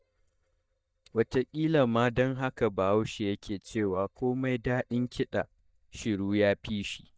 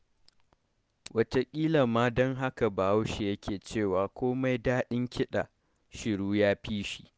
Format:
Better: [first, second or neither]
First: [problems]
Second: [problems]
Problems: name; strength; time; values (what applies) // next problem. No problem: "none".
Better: second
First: noise reduction (neural mask model DeepFilterNet 3)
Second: none